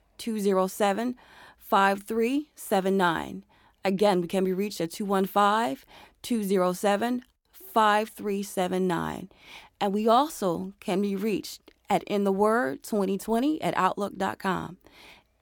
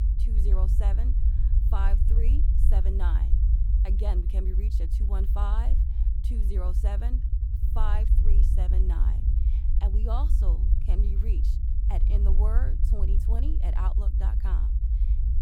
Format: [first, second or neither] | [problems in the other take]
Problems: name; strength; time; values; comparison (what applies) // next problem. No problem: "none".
first | low rumble; loud; throughout; 4 dB below the speech